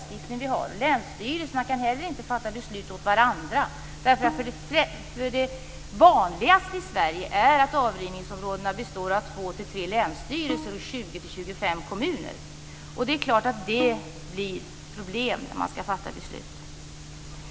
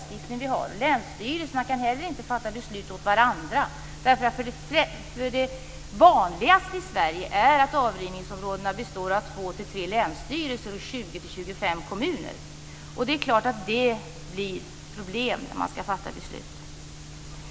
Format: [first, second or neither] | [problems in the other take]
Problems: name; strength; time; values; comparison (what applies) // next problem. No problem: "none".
second | background sound (Bowed string instrument); 13 dB below the speech